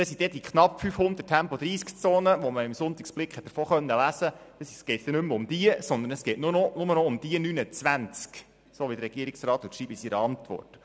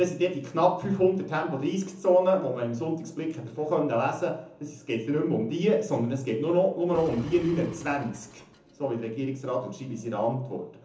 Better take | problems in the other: first | background sound (Engine); 17 dB below the speech // room echo; dies away in 0.6 s

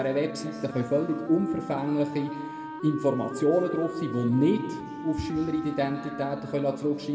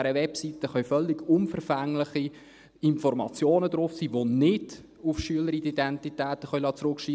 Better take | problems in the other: second | background sound (Wind instrument, woodwind instrument); 12 dB below the speech // room echo; dies away in 1.6 s

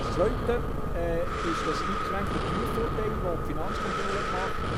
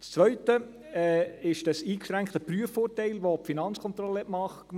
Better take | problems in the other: second | background sound (Breathing); 4 dB above the speech

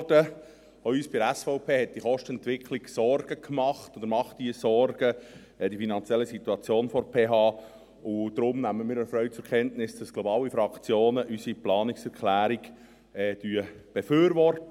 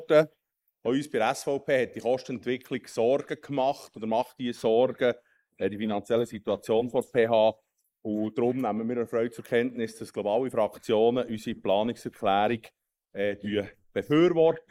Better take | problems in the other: first | noise reduction (neural mask model Resemble Enhance denoiser)

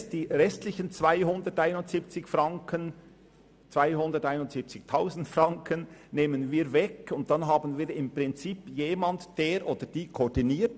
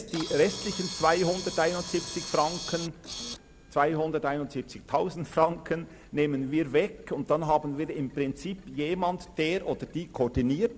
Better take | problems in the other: first | background sound (Camera); 14 dB below the speech

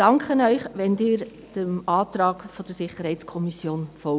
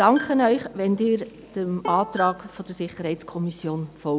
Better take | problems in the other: first | background sound (Bowed string instrument + Piano); 17 dB below the speech

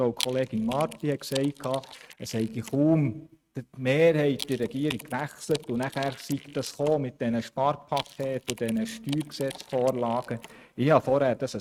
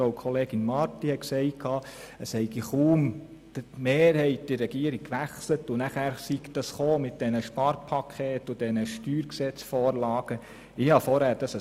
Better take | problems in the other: second | noise reduction (neural mask model RNNoise)

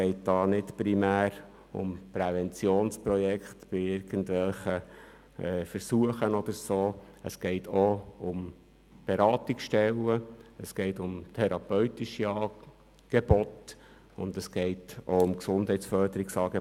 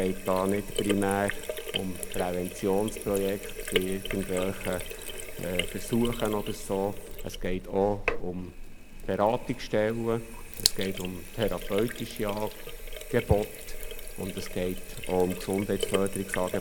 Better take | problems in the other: first | background sound (Sink (filling or washing)); 5 dB below the speech

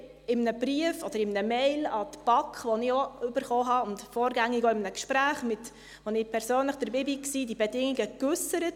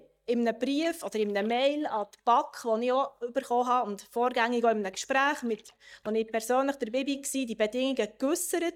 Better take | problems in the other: first | noise reduction (neural mask model DeepFilterNet 3)

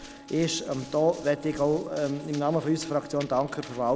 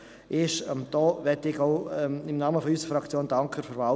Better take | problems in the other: second | background sound (Wind instrument, woodwind instrument + Run); 18 dB below the speech

